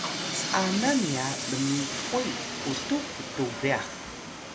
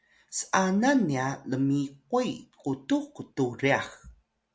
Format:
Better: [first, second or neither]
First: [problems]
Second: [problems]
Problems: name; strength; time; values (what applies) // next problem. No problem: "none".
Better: second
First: background sound (Train); 3 dB below the speech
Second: none